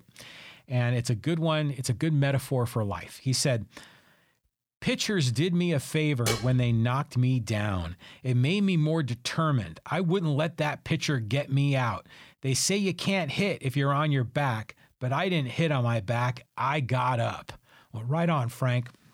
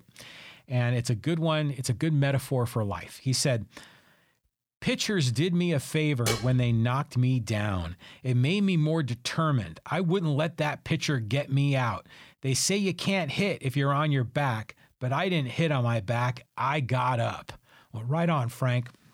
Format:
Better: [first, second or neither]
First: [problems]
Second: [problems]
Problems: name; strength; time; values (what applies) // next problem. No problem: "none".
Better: neither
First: clattering dishes; noticeable; at 6.5 s; peak 3 dB below the speech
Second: clattering dishes; noticeable; at 6.5 s; peak 3 dB below the speech